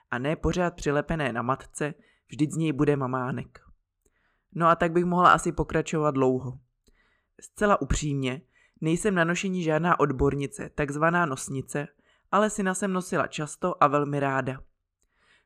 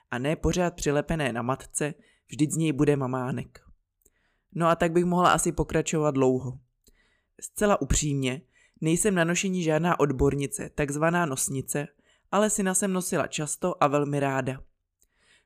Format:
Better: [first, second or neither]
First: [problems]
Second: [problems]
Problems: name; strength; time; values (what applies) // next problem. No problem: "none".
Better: second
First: muffled; slightly; fading above 2 kHz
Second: none